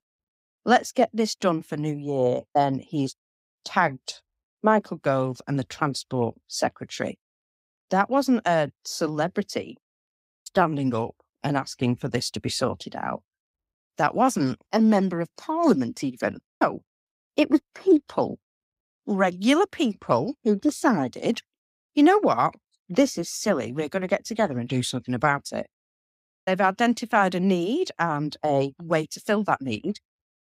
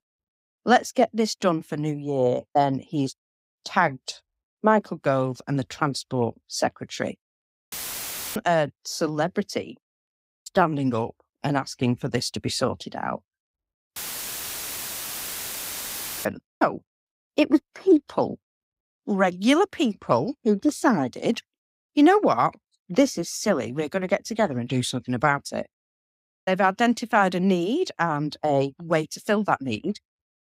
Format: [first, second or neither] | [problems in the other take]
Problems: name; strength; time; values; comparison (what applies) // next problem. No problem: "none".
first | audio cutting out; filled with static; at 7.5 s for 0.5 s and at 14 s for 2.5 s